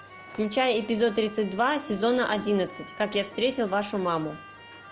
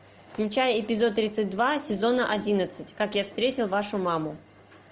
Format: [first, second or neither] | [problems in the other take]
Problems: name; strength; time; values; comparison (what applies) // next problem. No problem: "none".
second | background sound (Keyboard (musical)); 19 dB below the speech